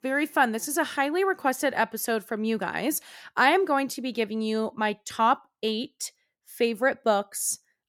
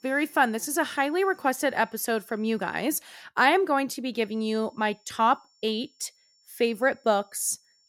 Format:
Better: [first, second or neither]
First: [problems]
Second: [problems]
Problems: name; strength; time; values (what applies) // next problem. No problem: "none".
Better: first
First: none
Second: high-pitched whine; faint; until 3 s and from 4 s on; 5.5 kHz, 35 dB below the speech